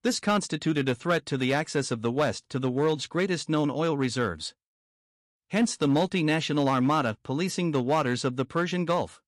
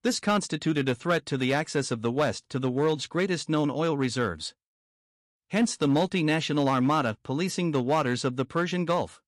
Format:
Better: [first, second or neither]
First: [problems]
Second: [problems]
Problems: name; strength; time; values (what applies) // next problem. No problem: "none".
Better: neither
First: none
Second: none